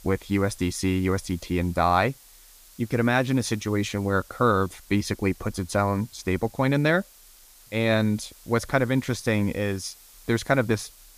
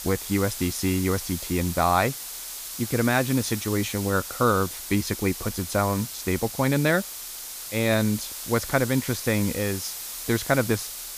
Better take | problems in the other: first | hiss; loud; throughout; 8 dB below the speech; faint in the first

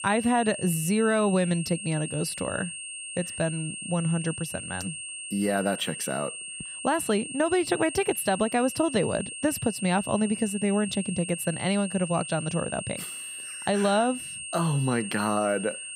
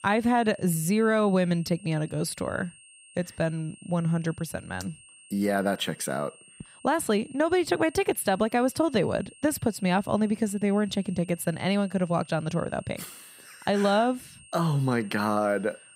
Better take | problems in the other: second | high-pitched whine; loud; throughout; 8.5 kHz, 7 dB below the speech; faint in the second

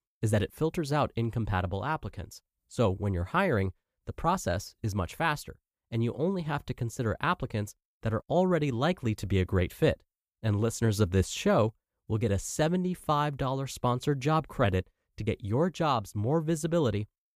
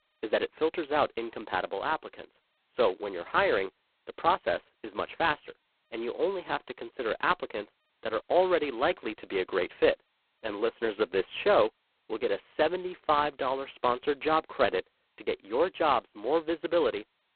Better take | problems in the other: first | phone-call audio; poor line; nothing above 4 kHz

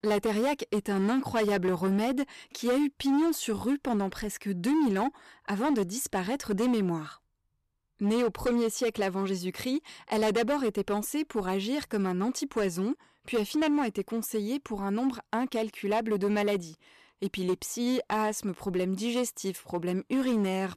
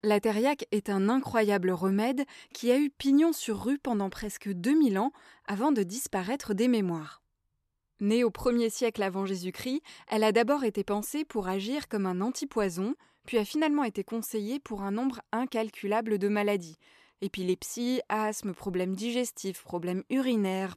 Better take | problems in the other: second | distortion; slight; 9% of the sound clipped

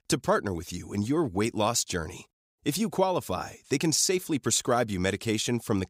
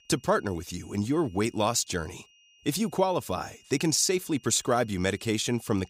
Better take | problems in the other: first | high-pitched whine; faint; throughout; 3 kHz, 30 dB below the speech

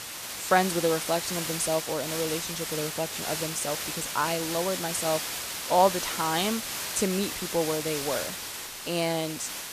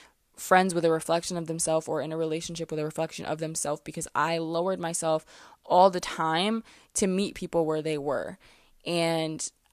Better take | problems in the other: second | hiss; loud; throughout; 3 dB below the speech

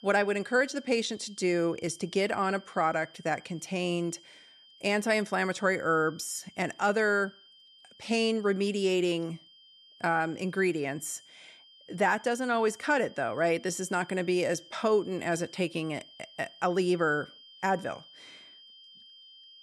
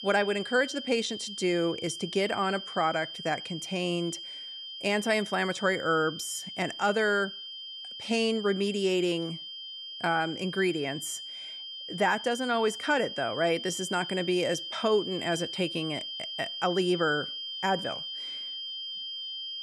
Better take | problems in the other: first | high-pitched whine; loud; throughout; 3 kHz, 8 dB below the speech; faint in the first

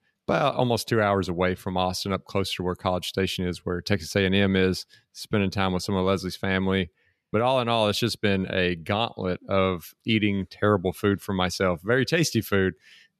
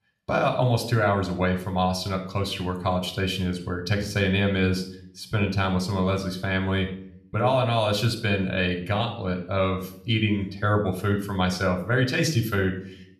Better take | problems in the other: first | room echo; slight; dies away in 0.5 s // off-mic speech; somewhat distant

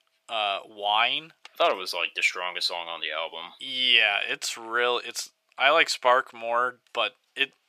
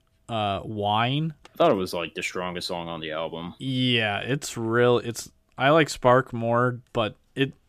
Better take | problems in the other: second | thin; very; fading below 750 Hz

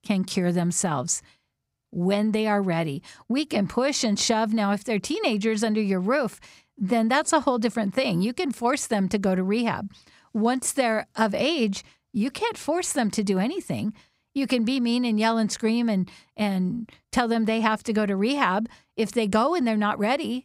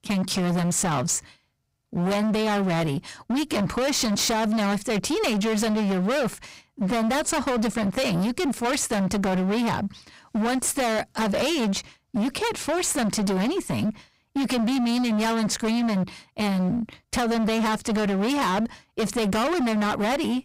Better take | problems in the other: first | distortion; heavy; 36% of the sound clipped

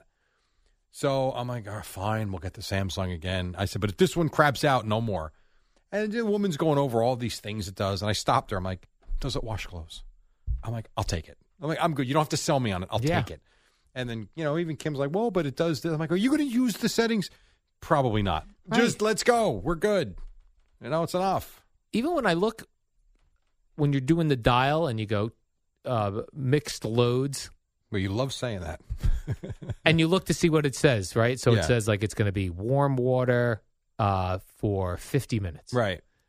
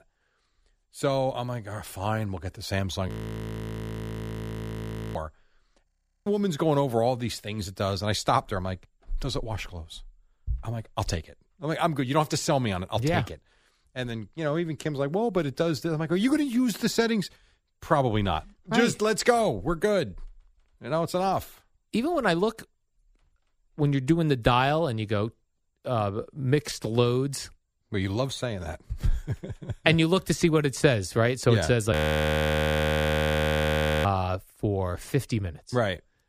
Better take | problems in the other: first | audio freezing; at 3 s for 2 s, at 6 s and at 32 s for 2 s

